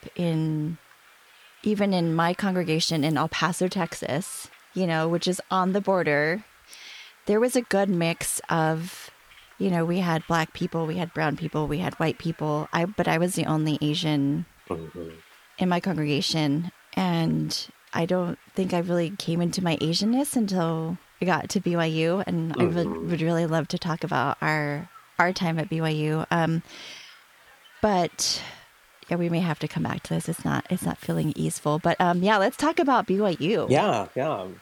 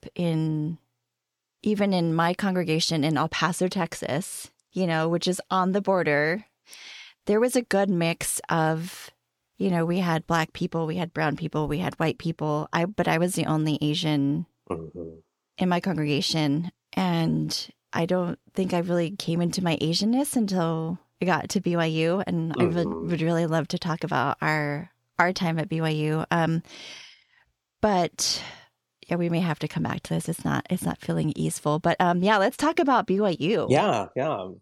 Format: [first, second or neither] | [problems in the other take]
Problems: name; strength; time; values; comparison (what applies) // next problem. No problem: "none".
second | hiss; faint; throughout; 25 dB below the speech